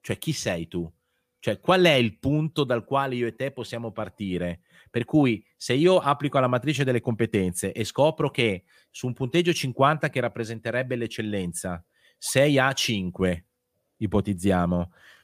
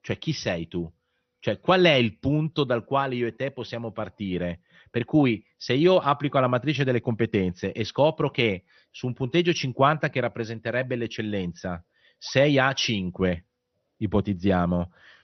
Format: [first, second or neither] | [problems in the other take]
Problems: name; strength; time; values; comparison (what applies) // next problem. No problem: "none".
first | garbled, watery; slightly; nothing above 6 kHz